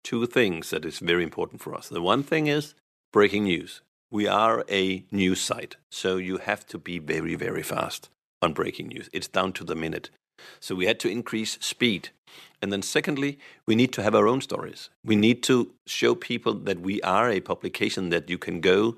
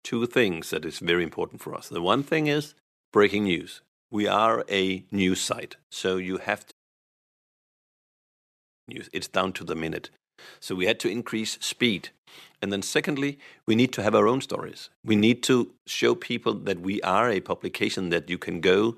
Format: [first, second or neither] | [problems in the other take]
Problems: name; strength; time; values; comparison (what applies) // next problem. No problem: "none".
first | audio cutting out; at 6.5 s for 2 s